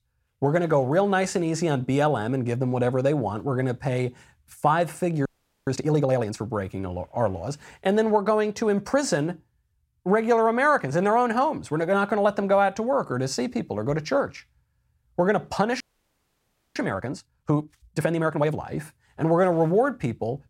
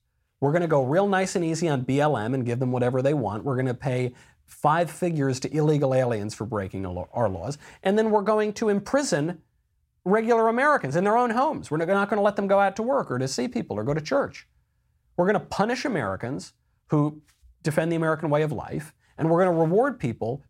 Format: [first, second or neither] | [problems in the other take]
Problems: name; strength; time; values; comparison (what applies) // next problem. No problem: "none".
second | audio freezing; at 5.5 s and at 16 s for 1 s